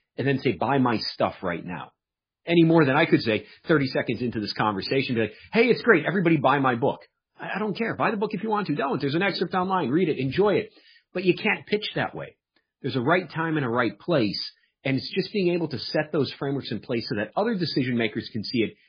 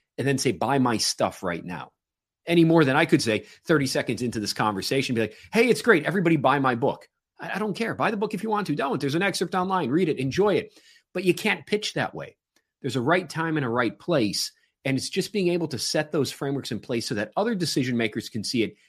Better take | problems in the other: second | garbled, watery; badly; nothing above 5 kHz

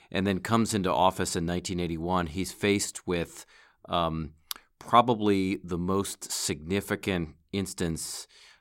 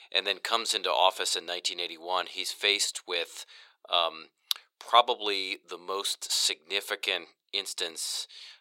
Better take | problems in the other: first | thin; very; fading below 500 Hz

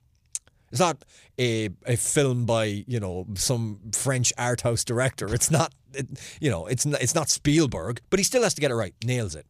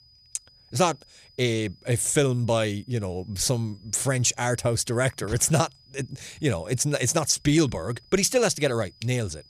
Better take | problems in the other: first | high-pitched whine; faint; throughout; 5 kHz, 30 dB below the speech

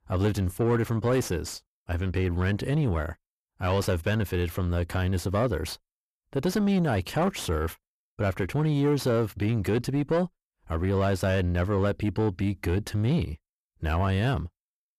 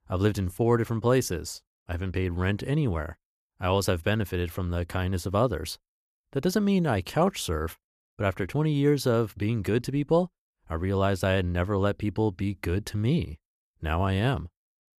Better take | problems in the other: second | distortion; slight; 10 dB below the speech

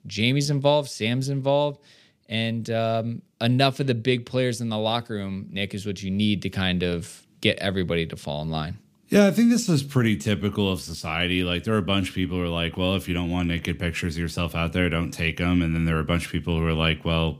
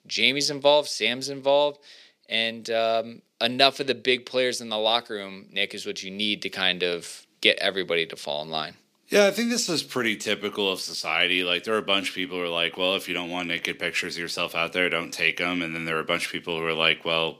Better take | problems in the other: first | thin; somewhat; fading below 450 Hz

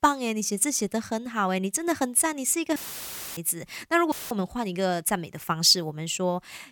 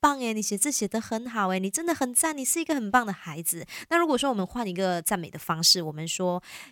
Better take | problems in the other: second | audio cutting out; filled with static; at 3 s for 0.5 s and at 4 s

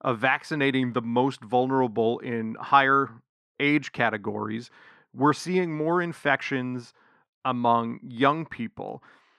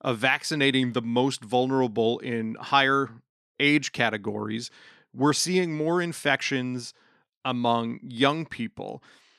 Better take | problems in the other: second | muffled; slightly; fading above 3 kHz

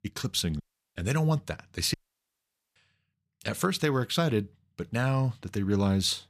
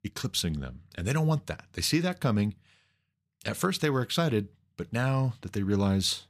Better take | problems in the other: second | audio cutting out; at 0.5 s and at 2 s for 1 s

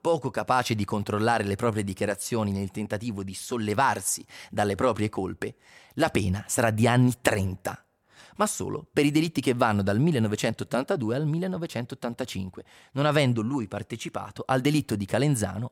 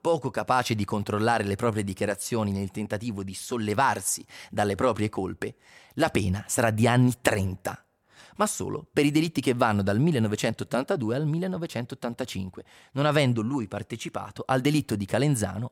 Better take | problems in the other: neither | none

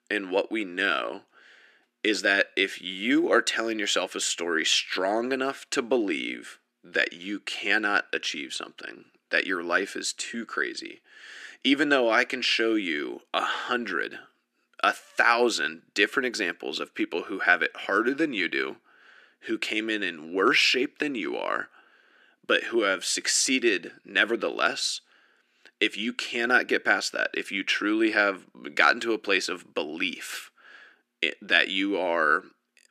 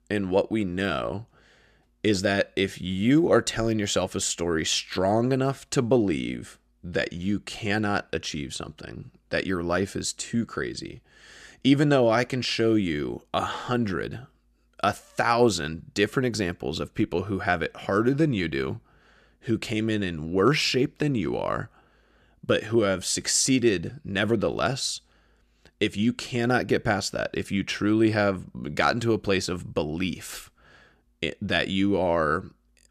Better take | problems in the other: second | thin; somewhat; fading below 300 Hz

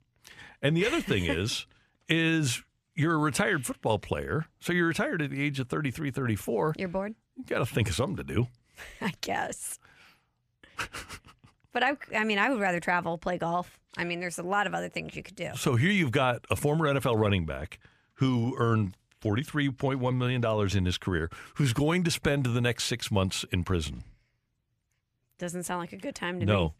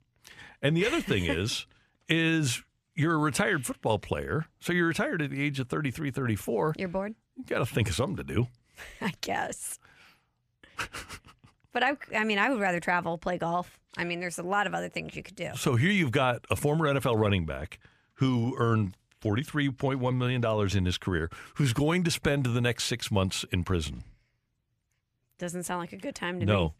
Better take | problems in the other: neither | none

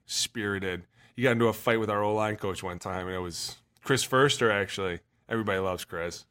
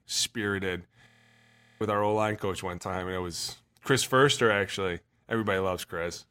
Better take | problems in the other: first | audio freezing; at 1 s for 0.5 s

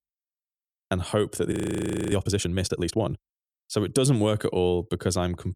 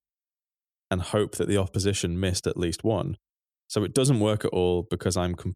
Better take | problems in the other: second | audio freezing; at 1.5 s for 0.5 s

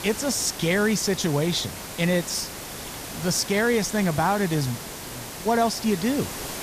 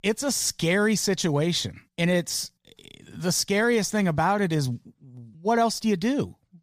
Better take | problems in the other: second | hiss; noticeable; throughout; 10 dB below the speech

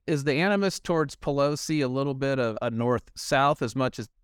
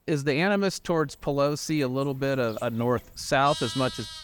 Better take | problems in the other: first | animal sounds; noticeable; throughout; 10 dB below the speech

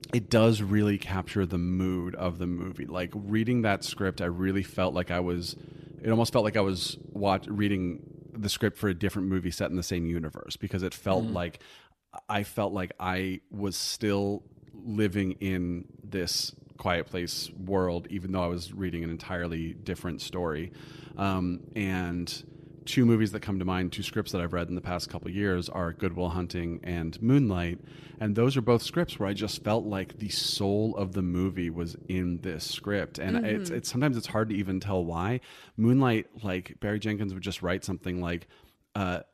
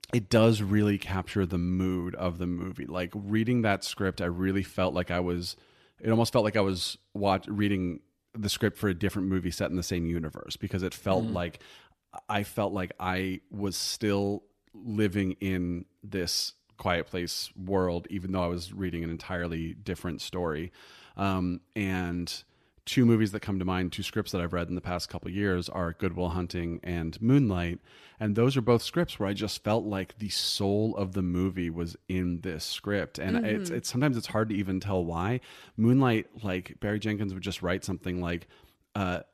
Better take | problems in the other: second | low rumble; faint; throughout; 25 dB below the speech

